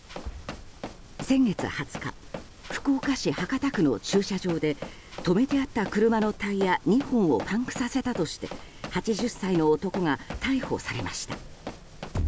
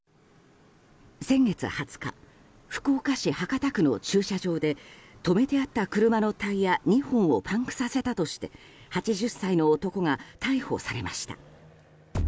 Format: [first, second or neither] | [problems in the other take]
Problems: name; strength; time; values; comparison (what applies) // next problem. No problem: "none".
second | background sound (Boom + Run); 13 dB below the speech